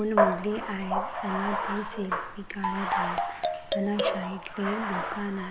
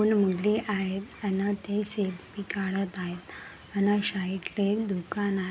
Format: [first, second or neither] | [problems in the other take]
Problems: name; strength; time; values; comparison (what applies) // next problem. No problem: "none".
second | background sound (Bathtub (filling or washing) + Marimba, xylophone); 3 dB above the speech